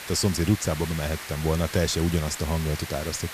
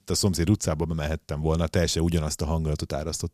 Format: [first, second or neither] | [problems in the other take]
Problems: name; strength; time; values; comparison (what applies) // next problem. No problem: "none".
second | hiss; loud; throughout; 9 dB below the speech